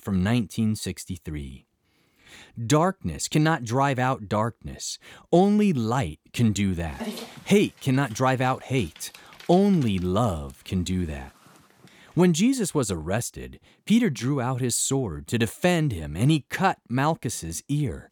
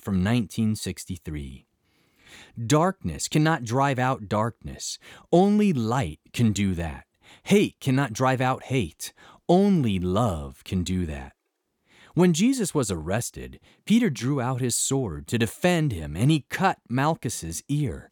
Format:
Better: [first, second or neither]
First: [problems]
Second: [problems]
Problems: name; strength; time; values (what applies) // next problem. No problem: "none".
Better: second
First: dog barking; noticeable; from 7 to 12 s; peak 10 dB below the speech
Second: none